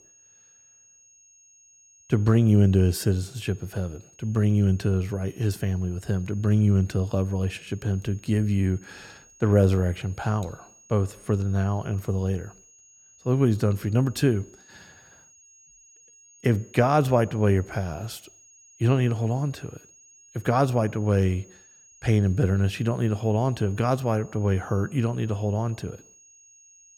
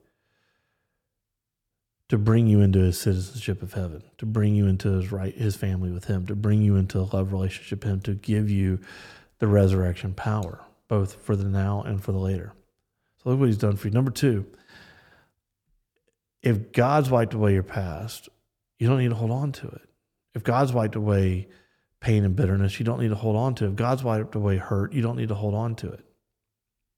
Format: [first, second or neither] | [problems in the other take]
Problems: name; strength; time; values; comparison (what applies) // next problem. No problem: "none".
second | high-pitched whine; faint; throughout; 6.5 kHz, 25 dB below the speech